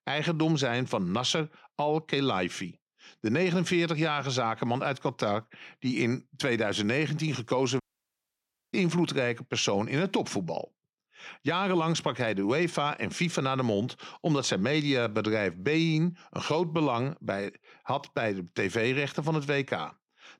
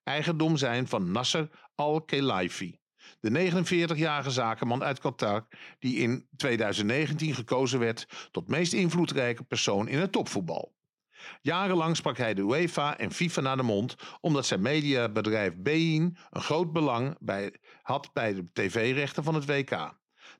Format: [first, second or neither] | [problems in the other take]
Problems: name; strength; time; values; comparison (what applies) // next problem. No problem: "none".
second | audio cutting out; at 8 s for 1 s